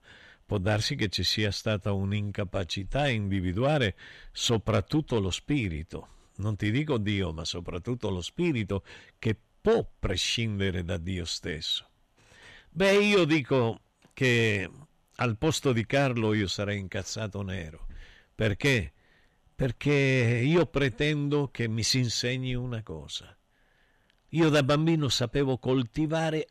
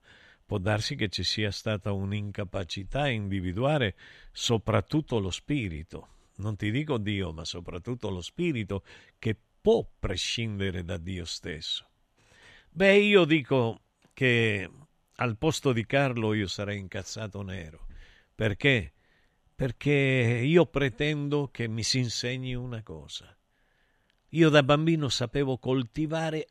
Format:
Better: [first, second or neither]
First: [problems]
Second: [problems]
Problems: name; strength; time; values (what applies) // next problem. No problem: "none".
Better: second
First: distortion; slight; 10 dB below the speech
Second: none